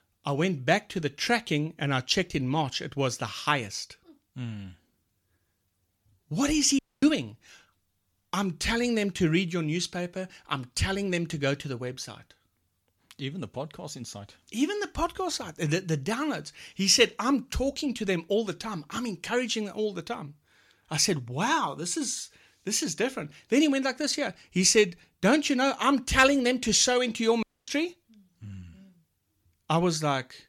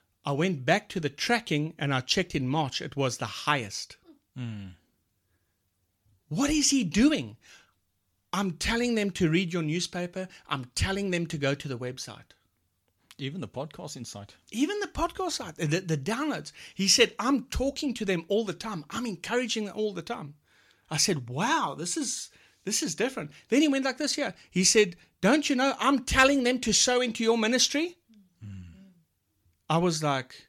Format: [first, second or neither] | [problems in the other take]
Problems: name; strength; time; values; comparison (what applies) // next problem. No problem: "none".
second | audio cutting out; at 7 s and at 27 s